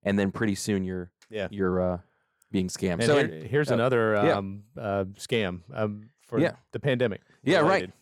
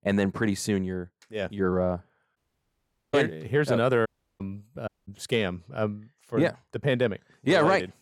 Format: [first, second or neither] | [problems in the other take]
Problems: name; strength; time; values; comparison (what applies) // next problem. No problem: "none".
first | audio cutting out; at 2.5 s for 1 s, at 4 s and at 5 s